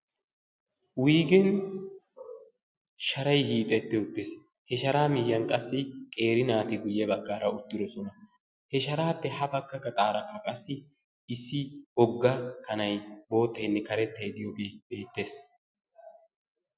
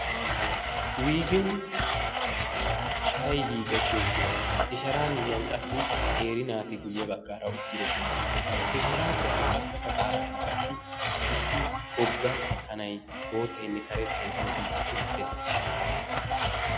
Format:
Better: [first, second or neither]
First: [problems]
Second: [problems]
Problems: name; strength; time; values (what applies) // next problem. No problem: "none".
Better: first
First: none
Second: background sound (Domestic sounds, home sounds); 4 dB above the speech